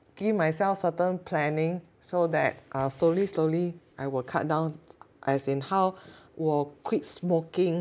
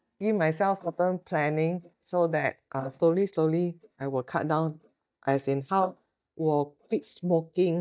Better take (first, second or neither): first